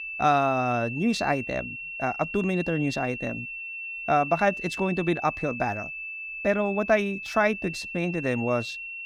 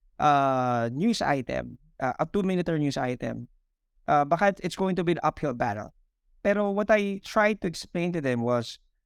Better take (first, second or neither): second